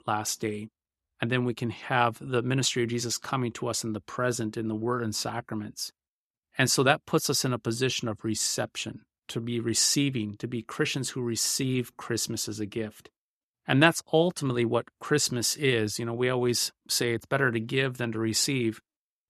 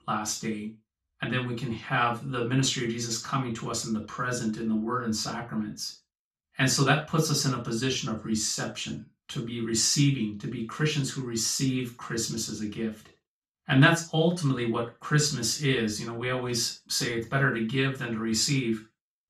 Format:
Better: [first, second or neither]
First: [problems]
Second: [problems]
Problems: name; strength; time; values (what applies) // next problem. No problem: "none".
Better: first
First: none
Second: room echo; slight; dies away in 0.3 s // off-mic speech; far